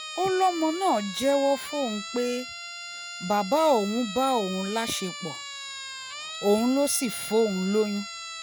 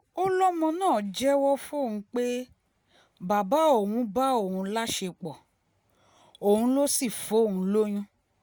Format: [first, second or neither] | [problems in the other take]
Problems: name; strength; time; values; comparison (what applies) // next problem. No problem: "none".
second | background sound (Siren); 11 dB below the speech